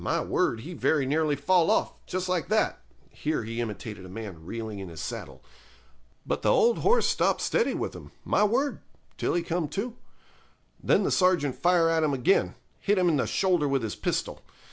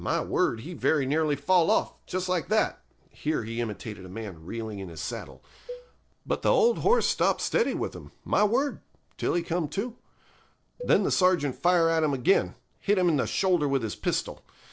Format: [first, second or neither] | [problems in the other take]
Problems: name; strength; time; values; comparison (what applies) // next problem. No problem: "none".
first | noise reduction (neural separator model SepFormer DNS4)